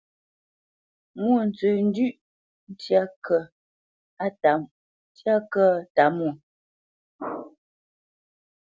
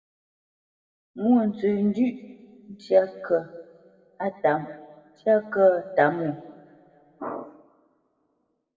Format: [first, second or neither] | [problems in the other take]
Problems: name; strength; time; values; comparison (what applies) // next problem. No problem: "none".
first | room echo; dies away in 1.6 s